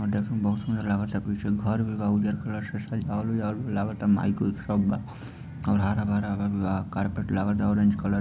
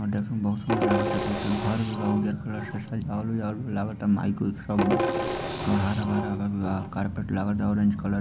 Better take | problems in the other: first | background sound (Percussion); 4 dB below the speech

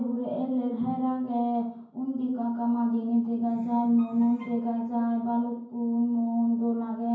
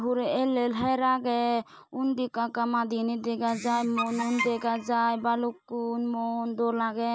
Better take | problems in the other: second | room echo; dies away in 0.9 s

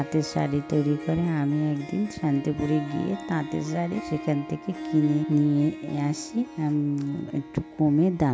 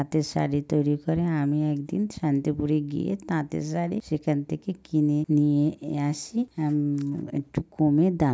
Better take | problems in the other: second | background sound (Harp); 12 dB below the speech

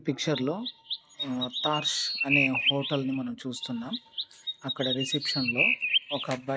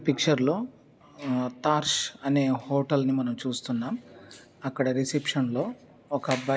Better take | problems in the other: second | noise reduction (neural mask model RNNoise)

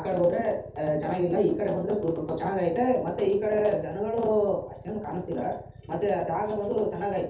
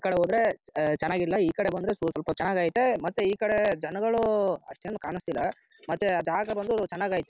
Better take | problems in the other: second | background sound (Idling / Motorcycle); 20 dB below the speech // room echo; dies away in 0.5 s

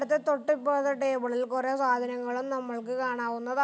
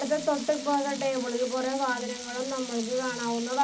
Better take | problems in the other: first | background sound (Frying (food)); 12 dB below the speech // room echo; dies away in 0.4 s

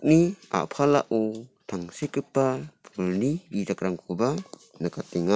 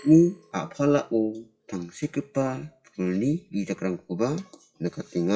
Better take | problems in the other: first | noise reduction (classical method WPE with log-MMSE)

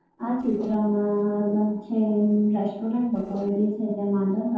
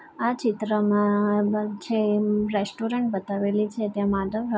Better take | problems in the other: second | noise reduction (neural separator model SepFormer DNS4)

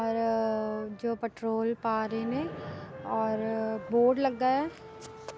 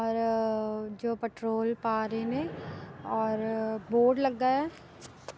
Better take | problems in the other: second | background sound (Wind instrument, woodwind instrument); 17 dB below the speech

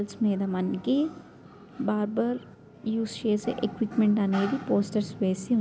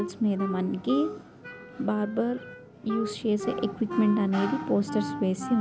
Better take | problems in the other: first | background sound (Wind instrument, woodwind instrument); 9 dB below the speech

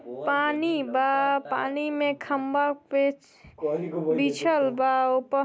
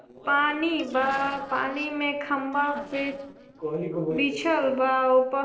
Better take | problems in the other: first | noise reduction (neural separator model SepFormer DNS4)

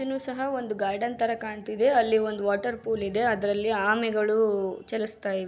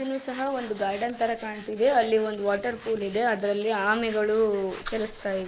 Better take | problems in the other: first | noise reduction (neural mask model Resemble Enhance denoiser)

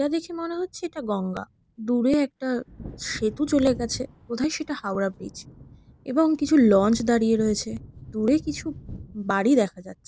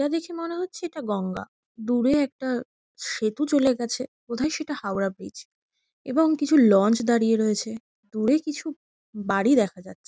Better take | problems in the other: second | background sound (Thunder / Wind); 19 dB below the speech

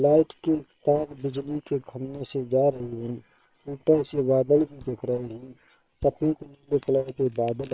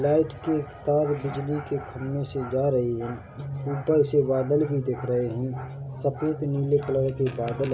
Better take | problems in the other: second | noise reduction (neural separator model SepFormer WHAM!)

